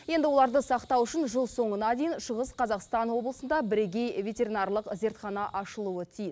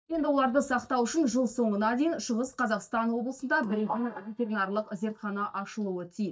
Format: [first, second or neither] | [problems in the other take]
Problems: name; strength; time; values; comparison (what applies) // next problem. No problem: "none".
first | noise reduction (neural mask model DeepFilterNet 3)